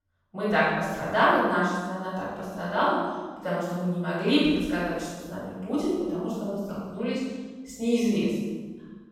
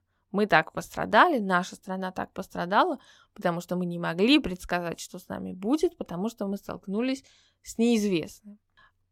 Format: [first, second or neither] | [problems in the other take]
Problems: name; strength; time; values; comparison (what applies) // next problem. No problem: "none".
second | room echo; strong; dies away in 1.2 s // off-mic speech; far